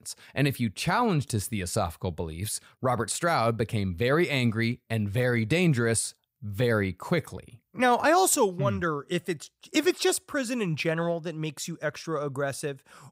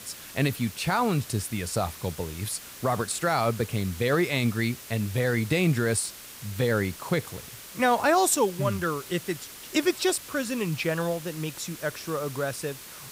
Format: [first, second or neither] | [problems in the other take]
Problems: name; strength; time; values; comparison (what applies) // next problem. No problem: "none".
first | hiss; noticeable; throughout; 15 dB below the speech